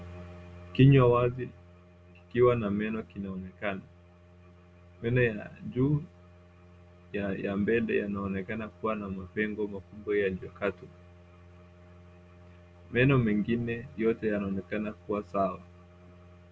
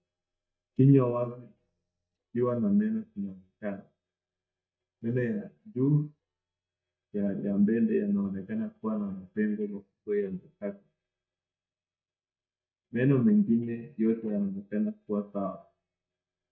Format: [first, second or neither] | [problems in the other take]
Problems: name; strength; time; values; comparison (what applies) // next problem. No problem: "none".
first | noise reduction (neural mask model DeepFilterNet 3)